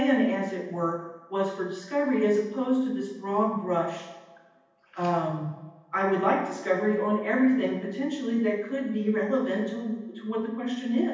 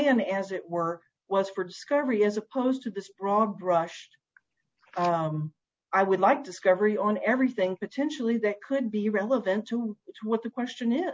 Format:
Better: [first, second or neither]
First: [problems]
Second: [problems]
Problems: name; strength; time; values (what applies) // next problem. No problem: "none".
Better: second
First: room echo; dies away in 0.9 s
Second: none